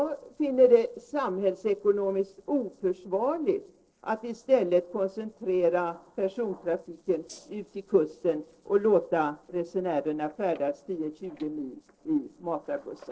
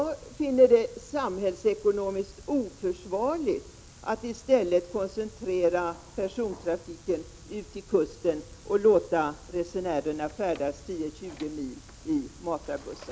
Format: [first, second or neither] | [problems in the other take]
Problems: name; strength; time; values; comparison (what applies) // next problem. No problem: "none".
second | noise reduction (neural separator model SepFormer DNS4)